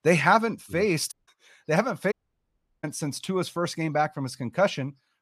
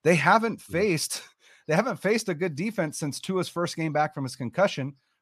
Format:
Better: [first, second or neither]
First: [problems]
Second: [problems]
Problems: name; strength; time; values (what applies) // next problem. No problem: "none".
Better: second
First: audio cutting out; at 1 s and at 2 s for 0.5 s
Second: none